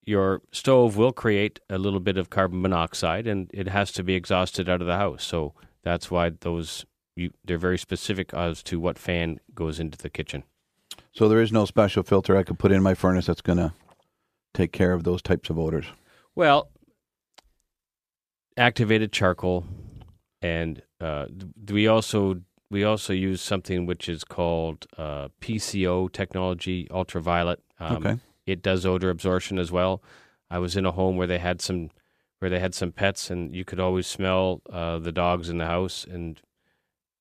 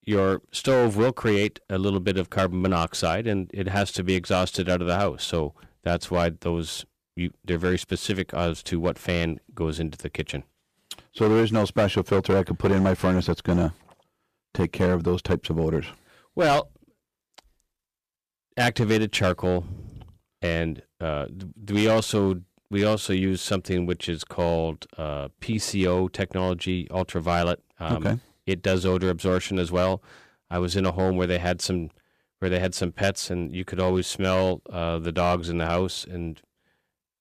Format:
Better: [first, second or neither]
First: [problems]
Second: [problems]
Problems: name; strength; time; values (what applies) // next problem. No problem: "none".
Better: first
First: none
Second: distortion; slight; 5% of the sound clipped